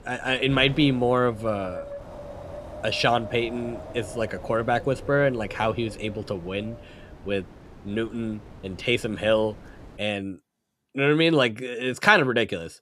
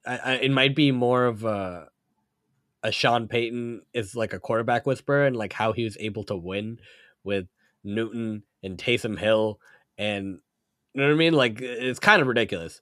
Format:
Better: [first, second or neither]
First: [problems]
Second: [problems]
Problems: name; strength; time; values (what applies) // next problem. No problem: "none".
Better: second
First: wind noise on the microphone; occasional gusts; until 10 s; 15 dB below the speech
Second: none